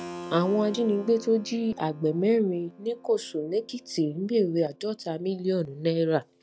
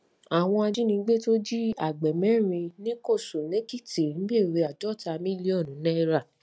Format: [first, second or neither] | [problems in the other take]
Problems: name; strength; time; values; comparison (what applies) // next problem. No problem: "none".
second | background sound (Keyboard (musical)); 18 dB below the speech